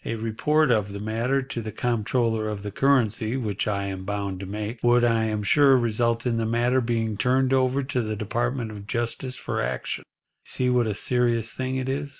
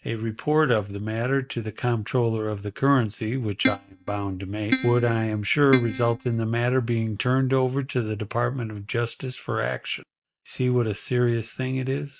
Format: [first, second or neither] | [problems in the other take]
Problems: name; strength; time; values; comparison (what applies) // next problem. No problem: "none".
first | noise reduction (neural mask model RNNoise)